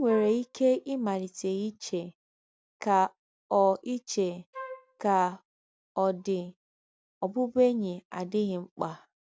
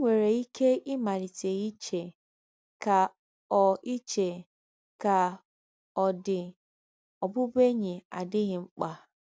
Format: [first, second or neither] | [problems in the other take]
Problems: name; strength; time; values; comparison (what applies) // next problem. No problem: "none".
second | background sound (Wind instrument, woodwind instrument); 15 dB below the speech